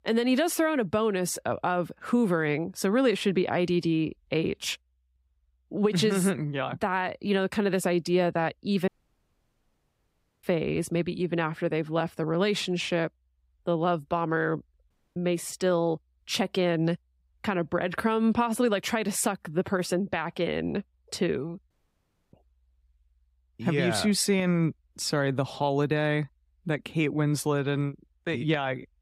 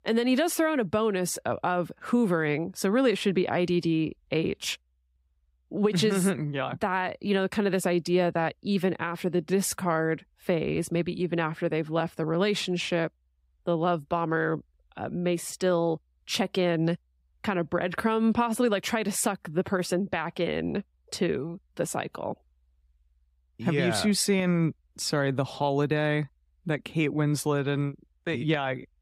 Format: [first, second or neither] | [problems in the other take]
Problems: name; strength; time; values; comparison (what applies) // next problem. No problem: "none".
second | audio cutting out; at 9 s for 1.5 s, at 15 s and at 22 s for 0.5 s